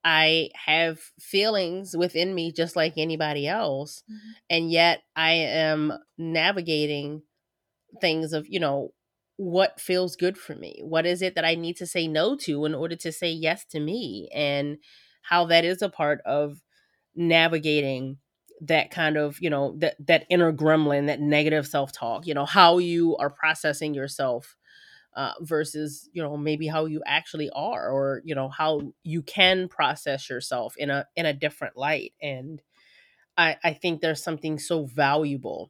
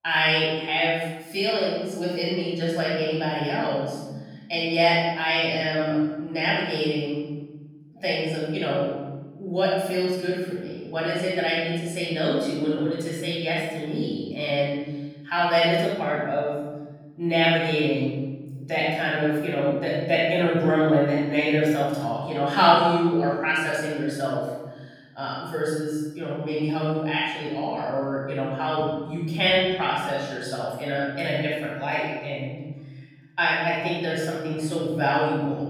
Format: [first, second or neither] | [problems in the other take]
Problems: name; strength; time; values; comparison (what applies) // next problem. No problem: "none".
first | room echo; strong; dies away in 1.4 s // off-mic speech; far